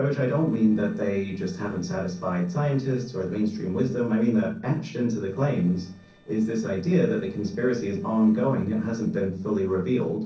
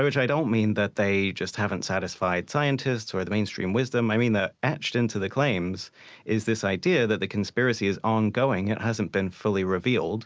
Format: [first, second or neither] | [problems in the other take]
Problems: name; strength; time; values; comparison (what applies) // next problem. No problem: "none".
second | noise reduction (neural separator model SepFormer DNS4)